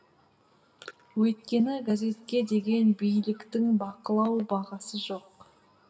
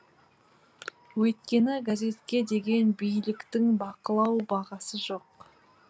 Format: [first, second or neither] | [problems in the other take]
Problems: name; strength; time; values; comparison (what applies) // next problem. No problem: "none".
second | room echo; dies away in 0.9 s